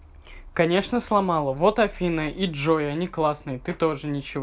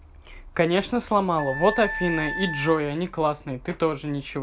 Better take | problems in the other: first | background sound (Wind instrument, woodwind instrument); 8 dB below the speech

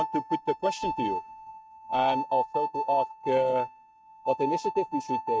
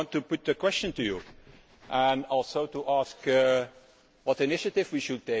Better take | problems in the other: second | noise reduction (neural mask model RNNoise)

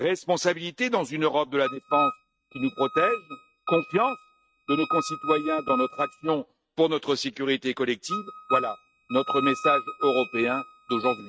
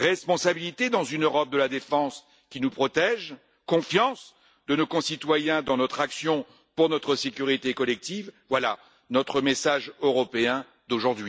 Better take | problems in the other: second | noise reduction (neural mask model RNNoise)

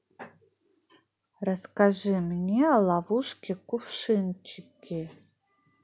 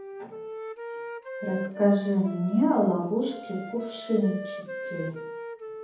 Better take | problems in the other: first | background sound (Wind instrument, woodwind instrument); 10 dB below the speech // room echo; dies away in 1.3 s

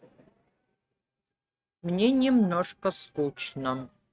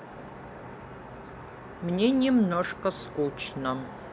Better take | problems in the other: second | noise reduction (neural mask model RNNoise)

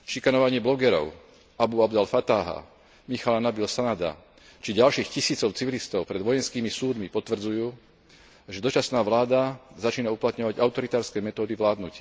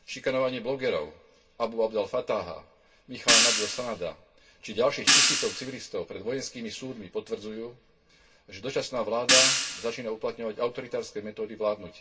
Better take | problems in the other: first | background sound (Hi-hat); 5 dB above the speech // room echo; dies away in 0.1 s

